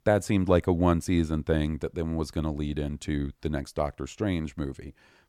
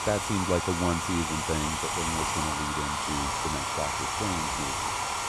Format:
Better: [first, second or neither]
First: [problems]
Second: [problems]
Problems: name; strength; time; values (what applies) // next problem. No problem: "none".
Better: first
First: none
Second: household noises; very loud; throughout; 3 dB above the speech